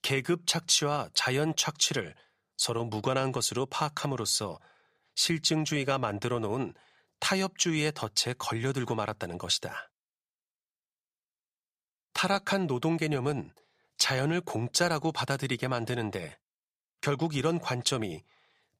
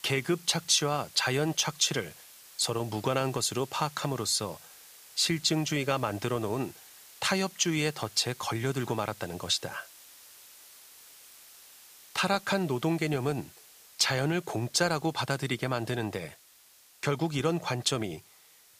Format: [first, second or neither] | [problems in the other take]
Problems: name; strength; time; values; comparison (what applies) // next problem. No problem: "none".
first | hiss; faint; throughout; 20 dB below the speech